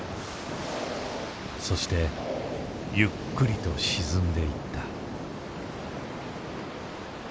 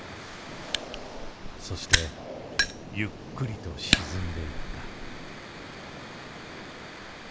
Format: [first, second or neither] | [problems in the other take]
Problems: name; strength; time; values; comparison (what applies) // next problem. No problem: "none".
first | background sound (Fire); 4 dB above the speech